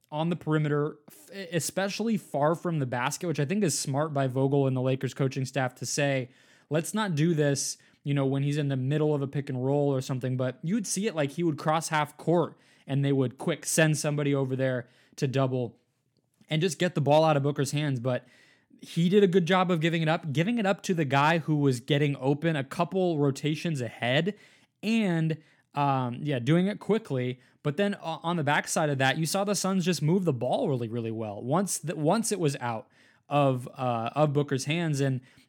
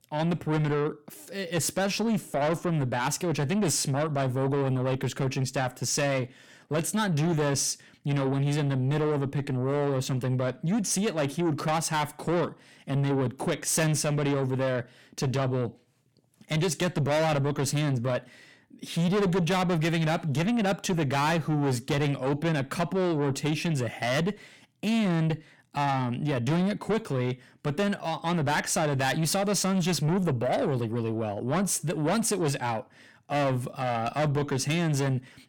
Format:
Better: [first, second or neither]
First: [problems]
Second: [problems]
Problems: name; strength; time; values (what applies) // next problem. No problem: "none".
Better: first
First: none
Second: distortion; heavy; 7 dB below the speech